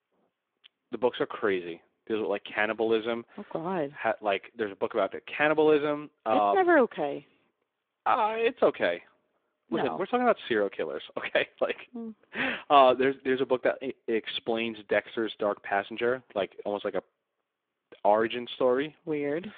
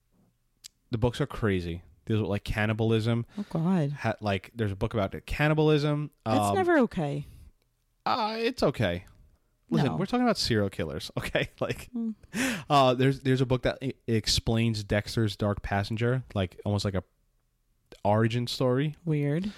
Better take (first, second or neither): second